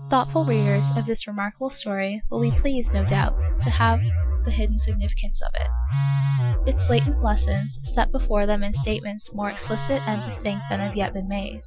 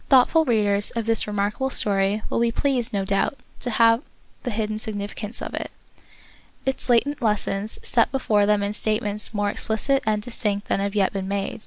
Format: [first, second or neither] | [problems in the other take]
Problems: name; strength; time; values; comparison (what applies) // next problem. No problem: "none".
second | noise reduction (classical method Wiener filter)